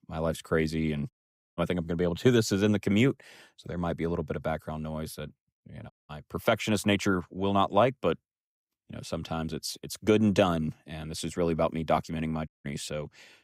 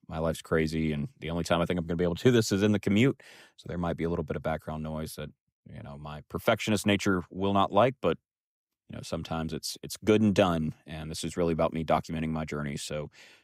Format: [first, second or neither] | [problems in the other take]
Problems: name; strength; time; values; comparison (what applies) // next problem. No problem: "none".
second | audio cutting out; at 1 s, at 6 s and at 12 s